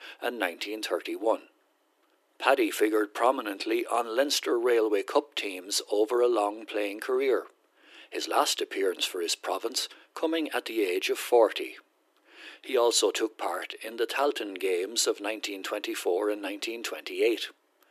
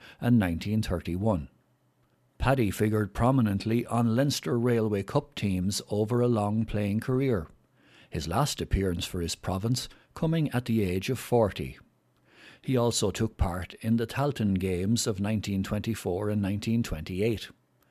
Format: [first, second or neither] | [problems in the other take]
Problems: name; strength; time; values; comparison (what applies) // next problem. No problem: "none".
second | thin; very; fading below 300 Hz